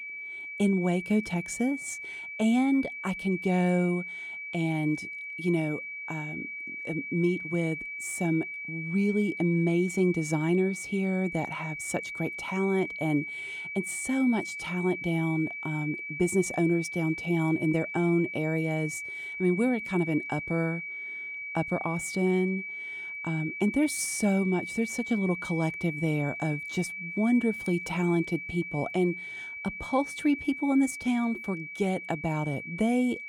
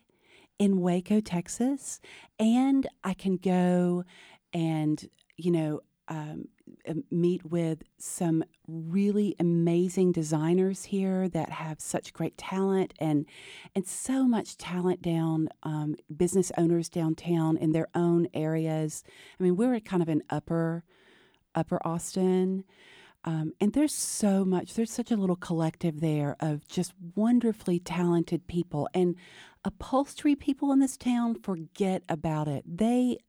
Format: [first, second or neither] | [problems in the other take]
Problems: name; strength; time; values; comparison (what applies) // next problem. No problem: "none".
second | high-pitched whine; loud; throughout; 2.5 kHz, 7 dB below the speech